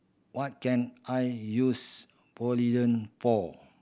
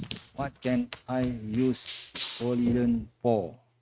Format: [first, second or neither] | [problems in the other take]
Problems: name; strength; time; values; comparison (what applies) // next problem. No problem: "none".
first | noise reduction (neural mask model RNNoise)